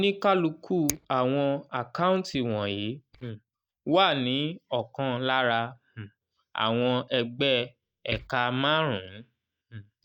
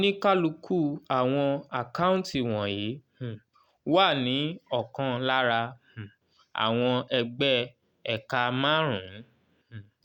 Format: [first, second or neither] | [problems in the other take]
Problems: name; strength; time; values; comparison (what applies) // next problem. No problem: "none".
second | noise reduction (neural mask model DeepFilterNet 3)